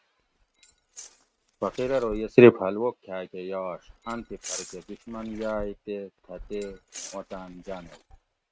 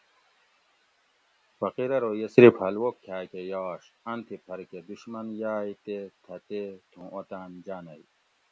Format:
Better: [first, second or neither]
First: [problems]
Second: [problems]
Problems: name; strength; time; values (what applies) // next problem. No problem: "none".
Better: second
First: noise reduction (neural mask model RNNoise)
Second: none